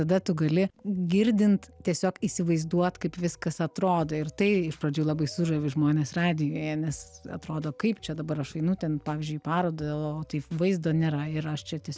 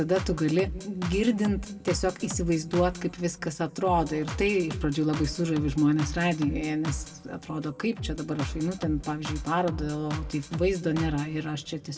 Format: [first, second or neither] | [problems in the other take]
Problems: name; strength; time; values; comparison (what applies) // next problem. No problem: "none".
first | background sound (Drum kit); 9 dB below the speech // room echo; dies away in 1 s